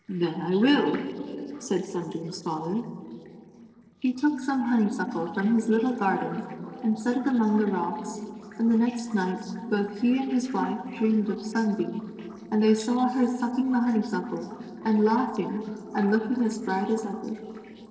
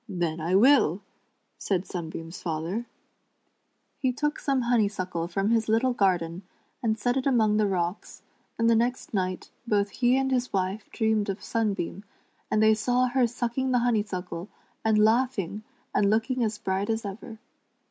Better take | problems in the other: second | noise reduction (neural separator model SepFormer DNS4)

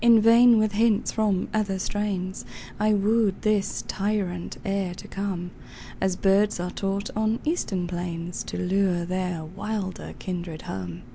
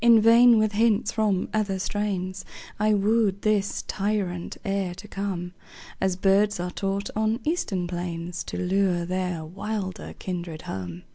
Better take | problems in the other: second | background sound (Engine); 18 dB below the speech

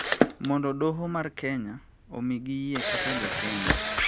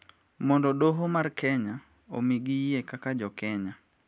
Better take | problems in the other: second | background sound (Camera); 1 dB above the speech

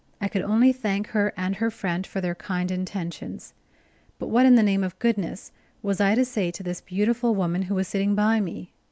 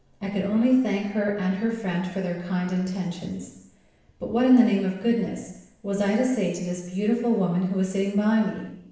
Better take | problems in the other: first | room echo; dies away in 0.8 s

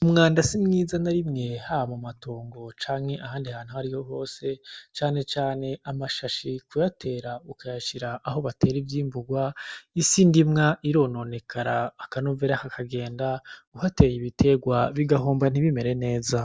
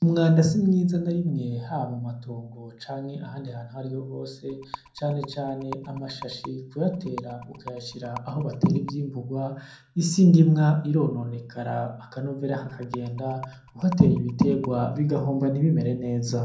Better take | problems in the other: first | background sound (Rattle); 18 dB below the speech // room echo; dies away in 0.5 s

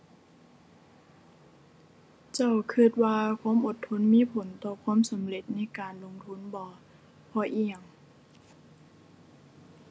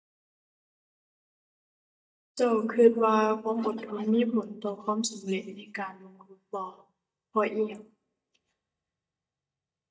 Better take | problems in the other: first | noise reduction (neural mask model DeepFilterNet 3)

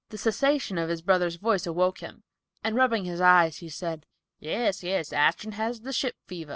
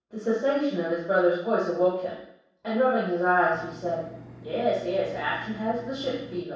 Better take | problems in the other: first | background sound (Engine); 17 dB below the speech // room echo; dies away in 0.7 s

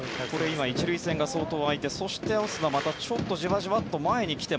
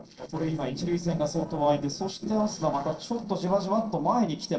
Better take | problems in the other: first | noise reduction (neural separator model SepFormer DNS4)

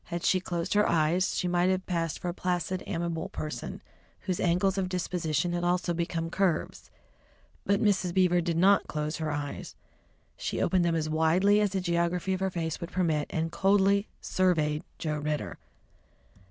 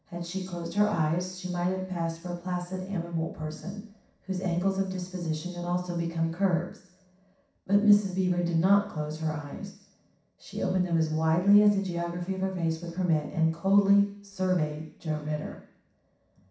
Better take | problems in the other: first | room echo; dies away in 0.7 s

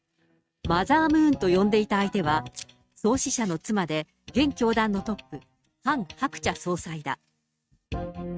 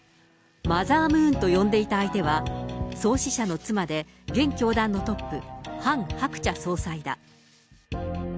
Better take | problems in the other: second | noise reduction (neural mask model RNNoise)

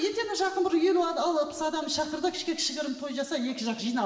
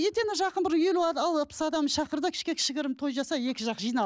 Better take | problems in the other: second | room echo; dies away in 2 s

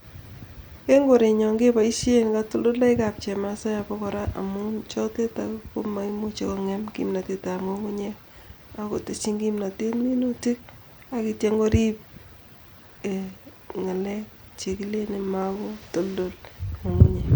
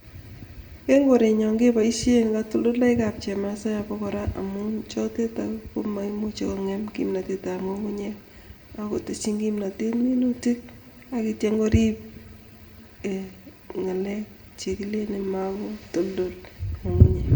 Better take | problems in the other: first | room echo; dies away in 0.8 s

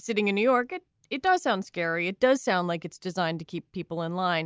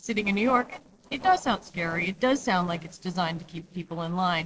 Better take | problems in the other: first | noise reduction (neural separator model SepFormer DNS4)

